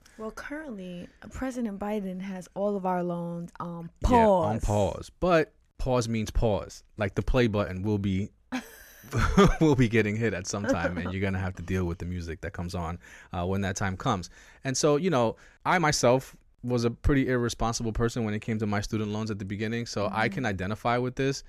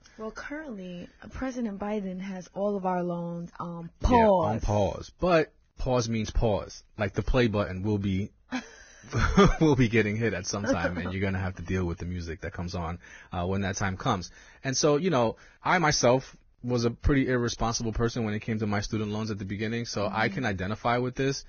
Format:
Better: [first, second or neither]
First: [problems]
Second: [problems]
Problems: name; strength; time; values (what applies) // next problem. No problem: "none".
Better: first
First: none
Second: garbled, watery; badly; nothing above 6.5 kHz